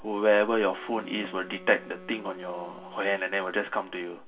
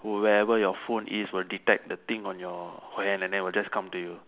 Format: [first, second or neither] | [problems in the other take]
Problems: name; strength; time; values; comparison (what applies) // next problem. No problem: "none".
second | background sound (Wind instrument, woodwind instrument); 19 dB below the speech // room echo; dies away in 0.2 s